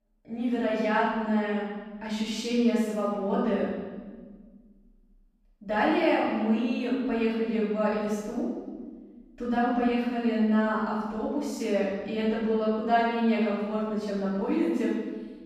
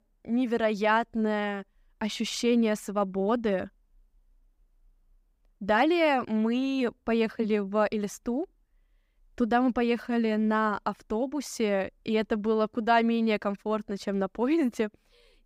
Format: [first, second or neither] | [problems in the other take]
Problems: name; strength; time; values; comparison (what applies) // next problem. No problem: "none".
second | off-mic speech; far // room echo; strong; dies away in 1.3 s